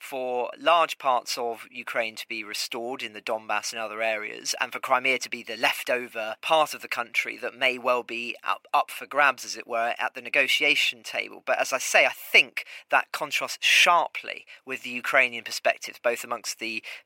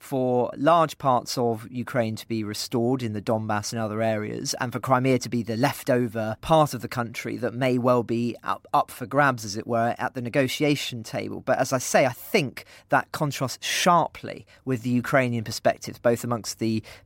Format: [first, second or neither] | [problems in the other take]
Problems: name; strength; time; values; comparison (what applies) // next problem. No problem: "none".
second | thin; very; fading below 600 Hz